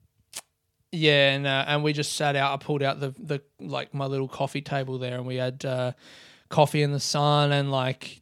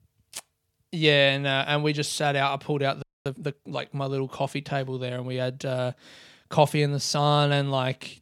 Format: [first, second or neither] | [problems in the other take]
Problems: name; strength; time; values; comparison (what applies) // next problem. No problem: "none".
first | audio freezing; at 3 s